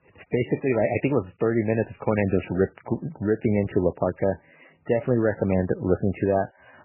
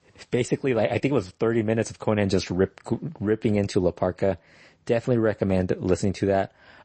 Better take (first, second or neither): second